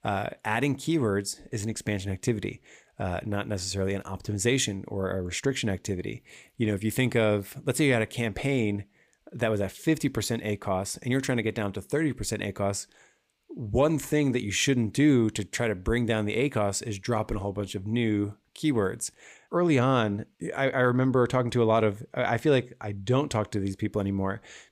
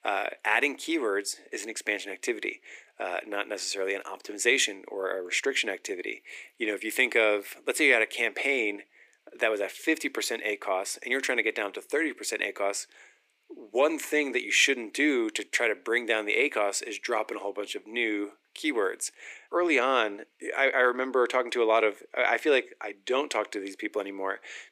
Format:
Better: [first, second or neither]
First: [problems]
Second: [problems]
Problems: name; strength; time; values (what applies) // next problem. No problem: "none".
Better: first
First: none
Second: thin; very; fading below 300 Hz